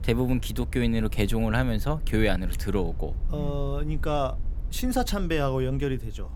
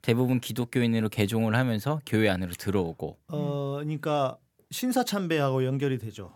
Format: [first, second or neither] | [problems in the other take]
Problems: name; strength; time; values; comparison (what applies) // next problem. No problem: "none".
second | low rumble; faint; throughout; 20 dB below the speech